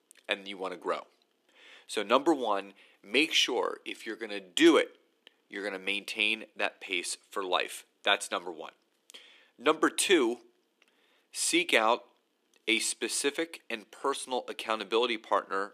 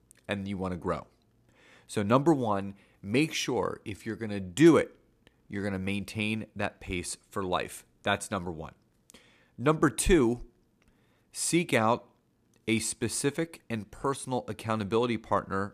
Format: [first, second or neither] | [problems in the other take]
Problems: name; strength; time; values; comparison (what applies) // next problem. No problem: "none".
second | thin; somewhat; fading below 300 Hz